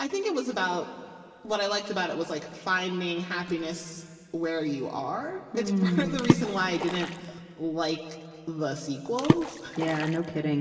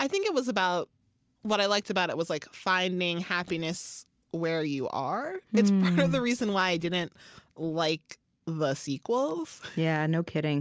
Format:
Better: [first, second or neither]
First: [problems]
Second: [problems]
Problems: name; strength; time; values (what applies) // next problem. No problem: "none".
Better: second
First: background sound (Water / Splash, splatter); as loud as the speech // room echo; dies away in 2.6 s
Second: none